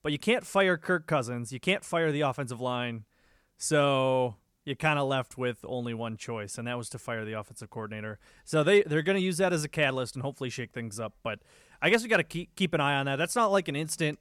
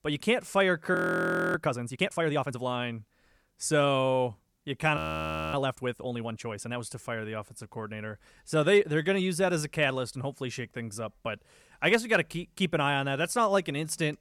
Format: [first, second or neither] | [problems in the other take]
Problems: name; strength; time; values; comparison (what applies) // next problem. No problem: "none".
first | audio freezing; at 1 s for 0.5 s and at 5 s for 0.5 s